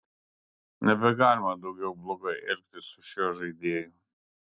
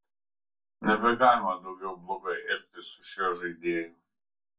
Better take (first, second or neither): first